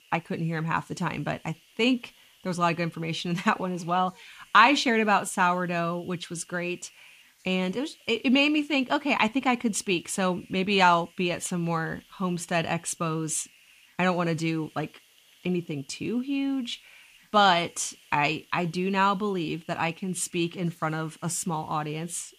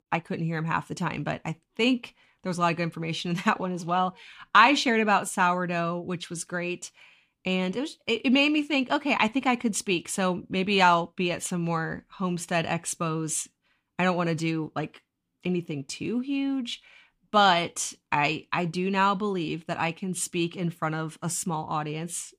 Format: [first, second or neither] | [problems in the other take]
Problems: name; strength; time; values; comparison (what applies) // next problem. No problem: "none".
second | hiss; faint; throughout; 30 dB below the speech